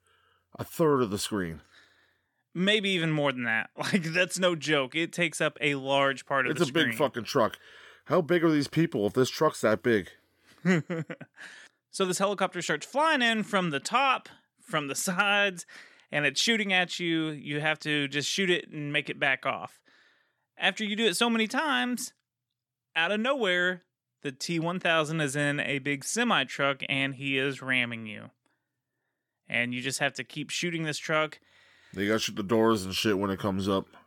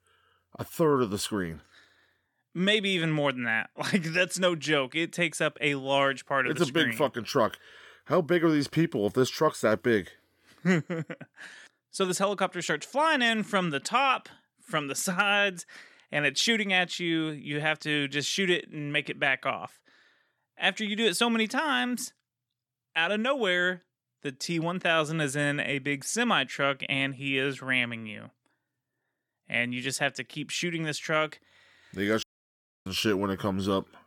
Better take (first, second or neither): first